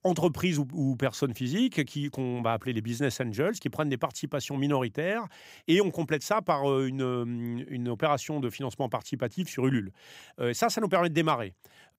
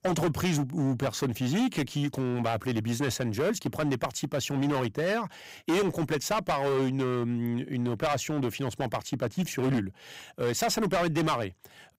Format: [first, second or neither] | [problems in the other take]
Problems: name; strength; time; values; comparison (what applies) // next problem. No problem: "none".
first | distortion; heavy; 14% of the sound clipped